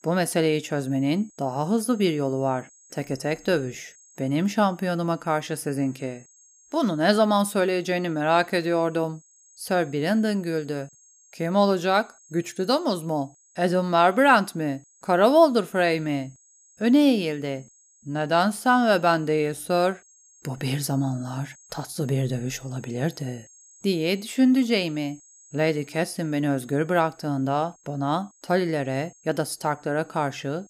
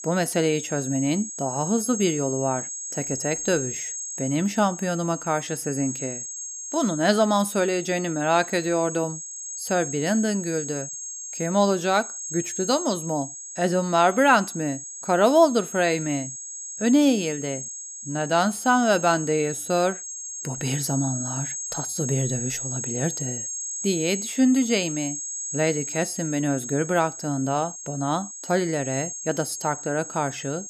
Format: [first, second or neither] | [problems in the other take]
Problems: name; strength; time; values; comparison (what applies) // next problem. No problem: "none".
first | high-pitched whine; loud; throughout; 6.5 kHz, 7 dB below the speech; faint in the first